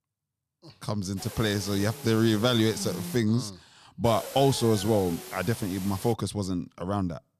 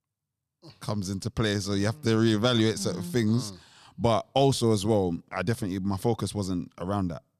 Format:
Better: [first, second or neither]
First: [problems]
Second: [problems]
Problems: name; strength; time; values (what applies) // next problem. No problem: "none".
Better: second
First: hiss; very faint; from 1 to 3 s and from 4 to 6 s; 15 dB below the speech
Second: none